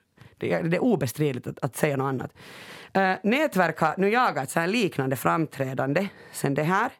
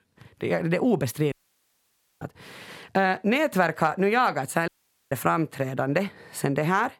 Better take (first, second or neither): first